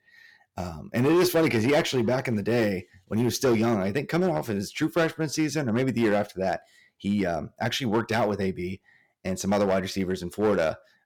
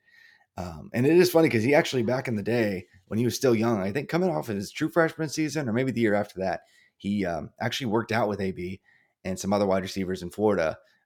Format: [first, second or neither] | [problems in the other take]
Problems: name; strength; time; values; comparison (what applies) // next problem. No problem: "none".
second | distortion; slight; 6% of the sound clipped